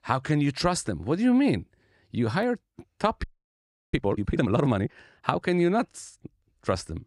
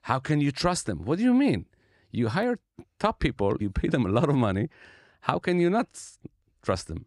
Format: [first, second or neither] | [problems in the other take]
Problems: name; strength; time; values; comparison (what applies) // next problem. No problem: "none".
second | audio freezing; at 3 s for 0.5 s